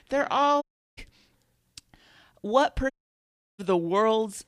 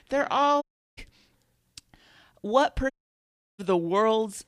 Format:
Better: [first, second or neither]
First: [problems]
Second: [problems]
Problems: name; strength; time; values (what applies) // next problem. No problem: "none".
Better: neither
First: audio cutting out; at 0.5 s and at 3 s for 0.5 s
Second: audio cutting out; at 0.5 s and at 3 s for 0.5 s